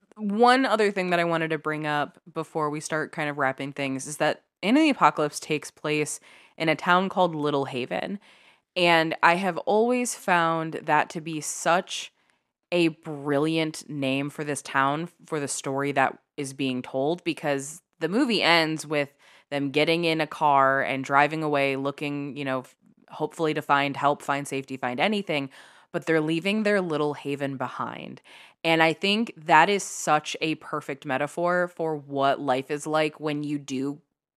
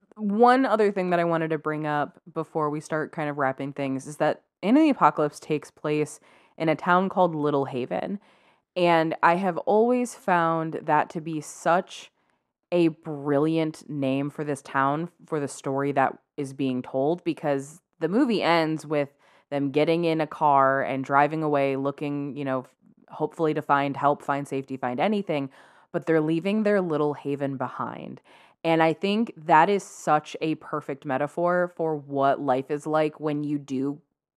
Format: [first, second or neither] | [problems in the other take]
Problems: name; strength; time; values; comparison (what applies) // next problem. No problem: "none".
first | muffled; slightly; fading above 1.5 kHz